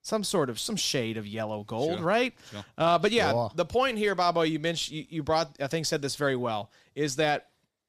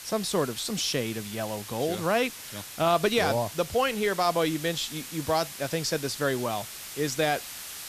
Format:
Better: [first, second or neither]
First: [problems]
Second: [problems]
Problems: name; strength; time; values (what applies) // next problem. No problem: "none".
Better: first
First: none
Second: hiss; noticeable; throughout; 10 dB below the speech